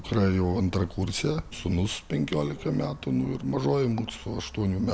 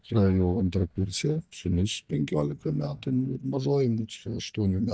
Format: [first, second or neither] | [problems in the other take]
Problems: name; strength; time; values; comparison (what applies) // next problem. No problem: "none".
first | noise reduction (neural mask model DeepFilterNet 3)